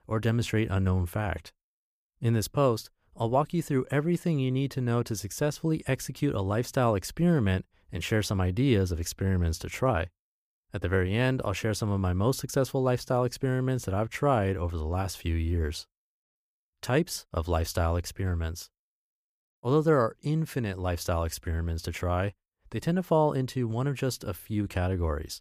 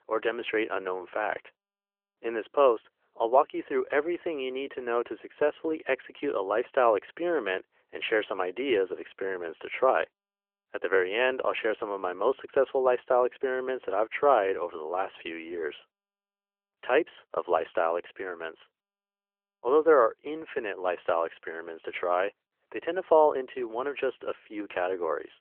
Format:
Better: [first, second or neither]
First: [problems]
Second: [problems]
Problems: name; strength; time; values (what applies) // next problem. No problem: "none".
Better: first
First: none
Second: phone-call audio; nothing above 3 kHz